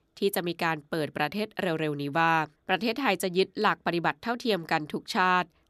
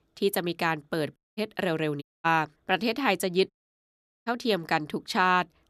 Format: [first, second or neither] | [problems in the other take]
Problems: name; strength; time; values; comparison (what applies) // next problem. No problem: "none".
first | audio cutting out; at 1 s, at 2 s and at 3.5 s for 1 s